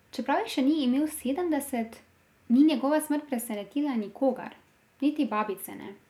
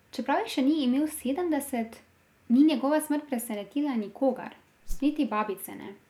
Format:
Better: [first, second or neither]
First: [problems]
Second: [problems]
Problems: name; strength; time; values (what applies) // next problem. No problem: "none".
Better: first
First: none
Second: background sound (Whoosh, swoosh, swish); 5 dB below the speech